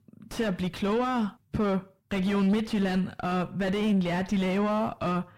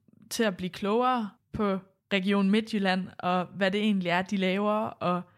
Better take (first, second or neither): second